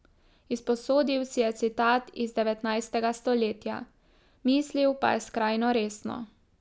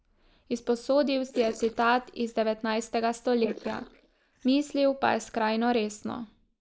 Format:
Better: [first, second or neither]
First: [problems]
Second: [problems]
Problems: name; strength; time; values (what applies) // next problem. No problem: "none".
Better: first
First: none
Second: noise reduction (neural mask model Resemble Enhance denoiser)